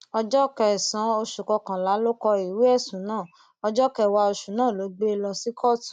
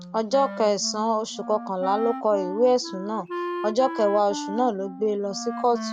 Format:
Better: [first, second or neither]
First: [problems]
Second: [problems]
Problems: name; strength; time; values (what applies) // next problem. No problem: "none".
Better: first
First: none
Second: background sound (Wind instrument, woodwind instrument); 10 dB below the speech